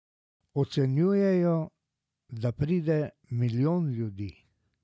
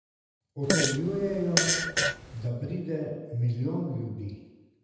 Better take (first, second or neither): first